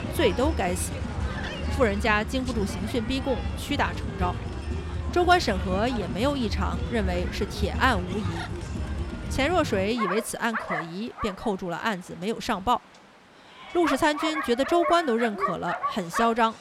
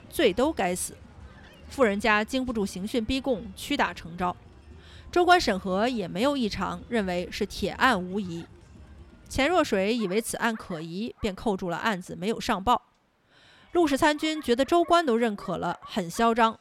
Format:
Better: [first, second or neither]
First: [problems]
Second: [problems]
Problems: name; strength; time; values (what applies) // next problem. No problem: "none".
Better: second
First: animal sounds; loud; throughout; 5 dB below the speech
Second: animal sounds; faint; throughout; 25 dB below the speech